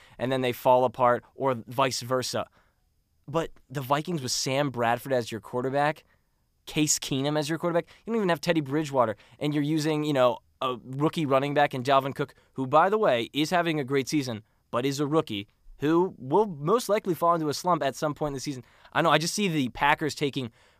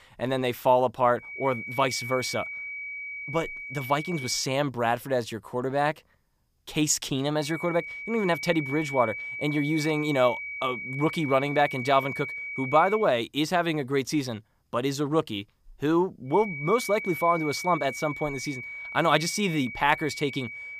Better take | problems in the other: first | high-pitched whine; loud; from 1.5 to 4.5 s, from 7.5 to 13 s and from 16 s on; 2.5 kHz, 8 dB below the speech

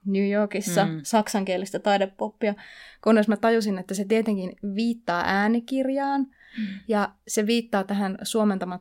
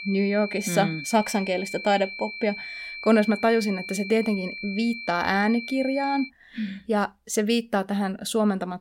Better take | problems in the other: first | high-pitched whine; loud; until 6.5 s; 2.5 kHz, 9 dB below the speech

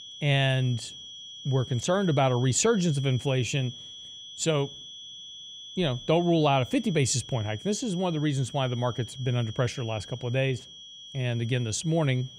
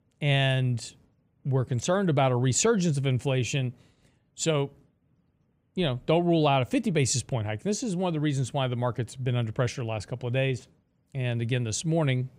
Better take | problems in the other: second | high-pitched whine; noticeable; throughout; 3.5 kHz, 15 dB below the speech

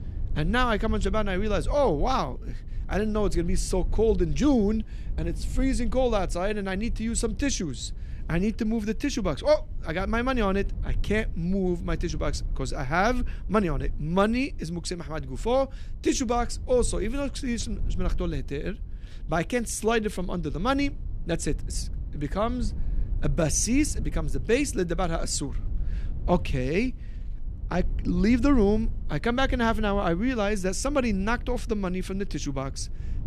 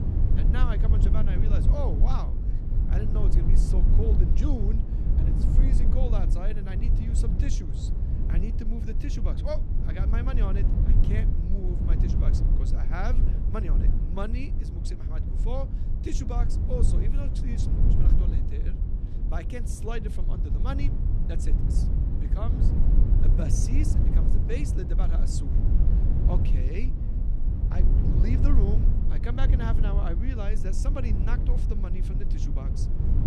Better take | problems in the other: first | low rumble; loud; throughout; 2 dB below the speech; faint in the first

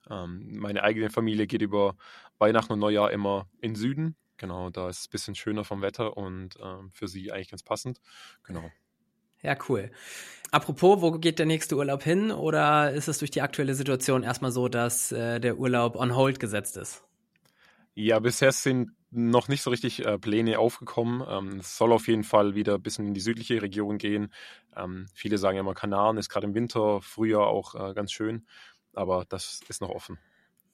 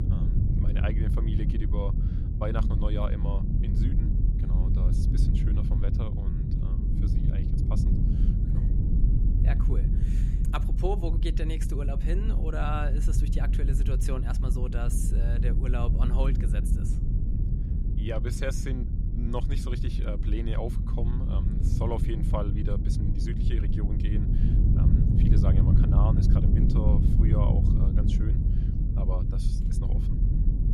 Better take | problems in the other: first | low rumble; loud; throughout; 2 dB below the speech

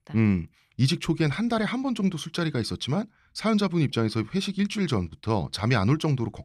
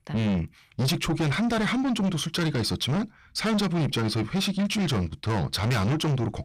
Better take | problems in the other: first | distortion; heavy; 6 dB below the speech

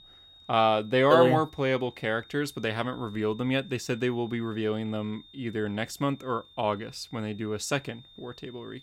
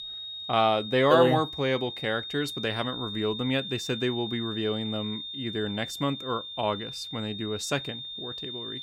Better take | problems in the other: first | high-pitched whine; loud; throughout; 3.5 kHz, 7 dB below the speech; faint in the first

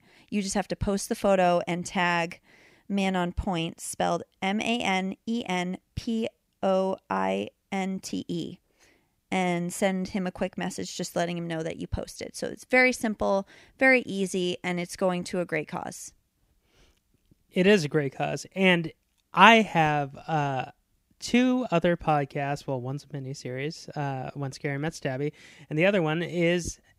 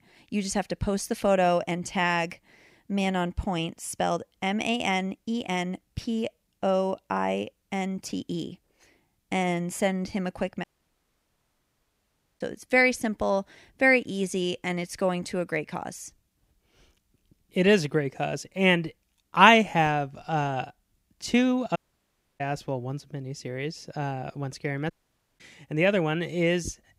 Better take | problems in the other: first | audio cutting out; at 11 s for 2 s, at 22 s for 0.5 s and at 25 s

